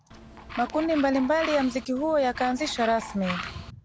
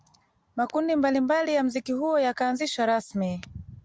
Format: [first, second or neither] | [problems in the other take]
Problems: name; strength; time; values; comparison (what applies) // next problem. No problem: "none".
second | background sound (Tools); 12 dB below the speech